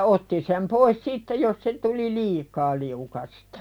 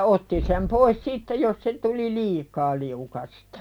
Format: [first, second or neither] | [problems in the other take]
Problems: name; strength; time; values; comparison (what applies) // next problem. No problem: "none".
first | background sound (Boom); 11 dB below the speech